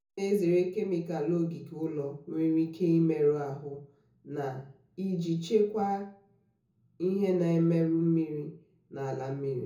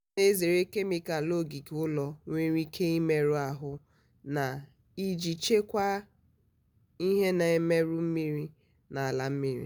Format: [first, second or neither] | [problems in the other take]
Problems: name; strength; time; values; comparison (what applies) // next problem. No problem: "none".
second | room echo; dies away in 0.6 s